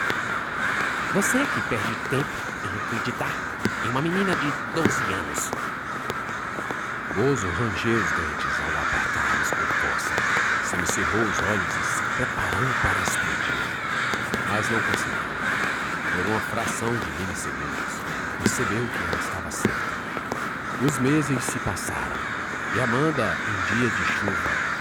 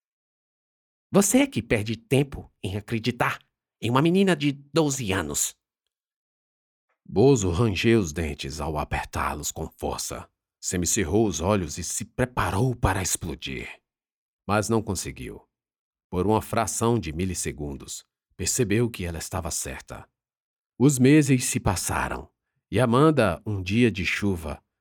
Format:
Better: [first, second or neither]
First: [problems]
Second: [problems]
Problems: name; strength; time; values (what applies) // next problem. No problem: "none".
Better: second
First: animal sounds; very loud; throughout; 4 dB above the speech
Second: none